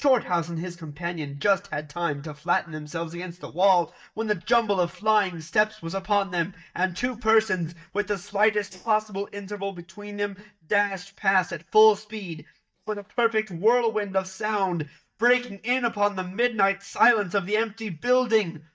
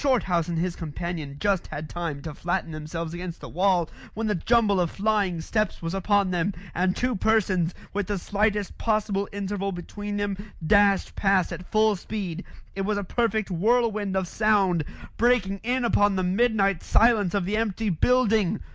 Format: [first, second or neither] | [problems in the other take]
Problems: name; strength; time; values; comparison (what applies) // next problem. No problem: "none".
second | noise reduction (neural mask model DeepFilterNet 3)